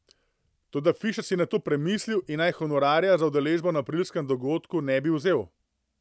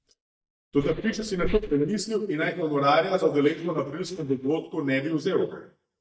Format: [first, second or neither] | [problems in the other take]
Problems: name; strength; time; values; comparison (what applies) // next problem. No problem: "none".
first | noise reduction (neural mask model DeepFilterNet 3)